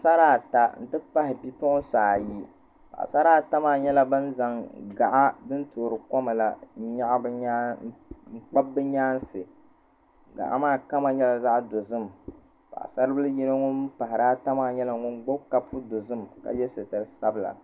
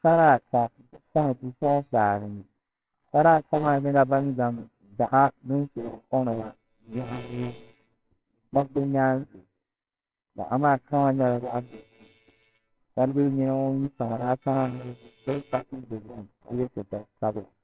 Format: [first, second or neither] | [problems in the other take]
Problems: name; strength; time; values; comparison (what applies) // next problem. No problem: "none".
first | noise reduction (neural separator model SepFormer WHAMR!)